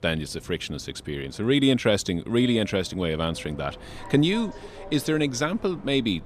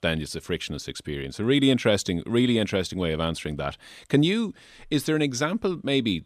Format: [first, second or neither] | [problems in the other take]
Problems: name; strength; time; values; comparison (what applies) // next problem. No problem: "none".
second | train or aircraft noise; noticeable; throughout; 20 dB below the speech